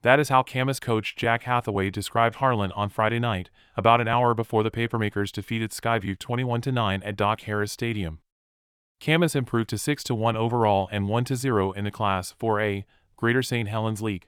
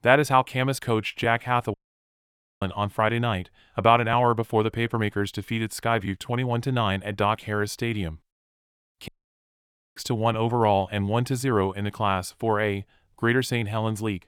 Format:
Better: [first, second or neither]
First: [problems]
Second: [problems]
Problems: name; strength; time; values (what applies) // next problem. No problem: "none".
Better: first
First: none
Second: audio cutting out; at 1.5 s for 1 s and at 9 s for 1 s